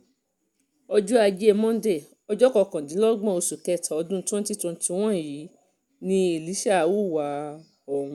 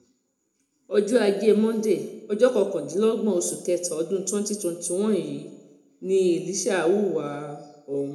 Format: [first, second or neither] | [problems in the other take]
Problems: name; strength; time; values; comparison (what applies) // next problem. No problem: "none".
first | room echo; dies away in 0.5 s